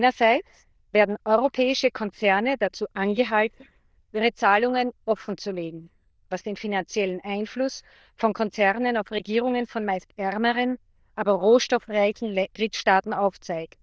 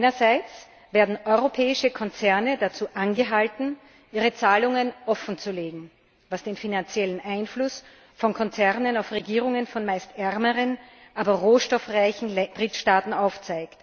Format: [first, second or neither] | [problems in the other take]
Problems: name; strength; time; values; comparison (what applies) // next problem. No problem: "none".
second | noise reduction (neural diffusion model UNIVERSE++)